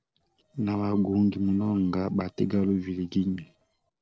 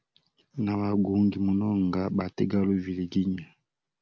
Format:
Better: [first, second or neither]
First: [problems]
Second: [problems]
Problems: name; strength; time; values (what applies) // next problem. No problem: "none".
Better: second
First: noise reduction (neural separator model SepFormer DNS4)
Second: none